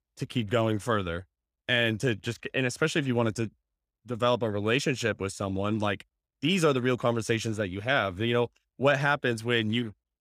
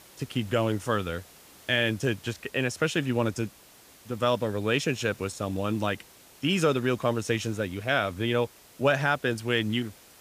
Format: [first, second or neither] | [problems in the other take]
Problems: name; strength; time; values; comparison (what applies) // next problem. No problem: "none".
first | hiss; faint; throughout; 25 dB below the speech